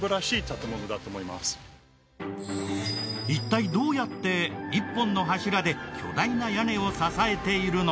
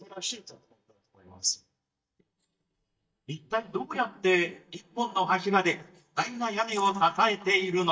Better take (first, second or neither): first